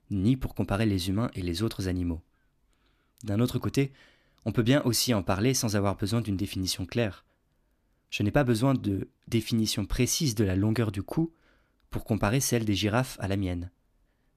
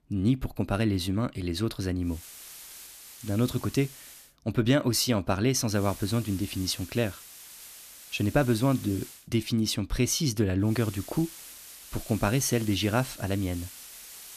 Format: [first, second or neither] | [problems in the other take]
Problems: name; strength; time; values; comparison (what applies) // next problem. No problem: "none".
first | hiss; noticeable; from 2 to 4 s, from 6 to 9 s and from 11 s on; 15 dB below the speech